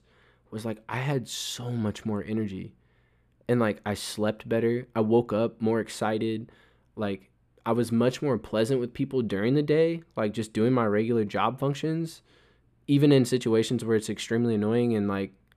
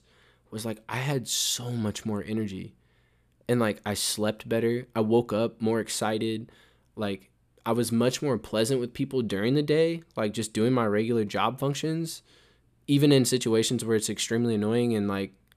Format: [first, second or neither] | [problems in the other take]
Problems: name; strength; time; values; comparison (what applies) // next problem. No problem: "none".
second | muffled; slightly; fading above 3.5 kHz